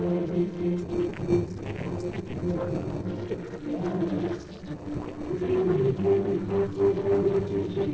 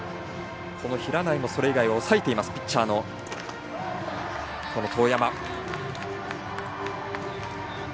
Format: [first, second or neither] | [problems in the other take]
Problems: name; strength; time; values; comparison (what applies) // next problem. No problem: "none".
second | noise reduction (neural separator model SepFormer DNS4)